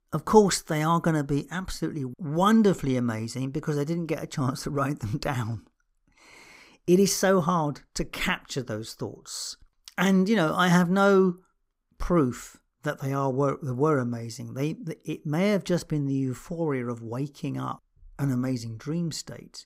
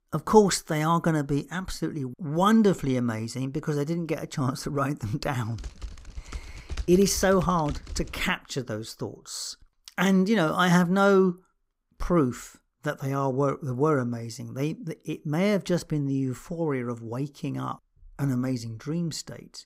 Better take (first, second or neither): first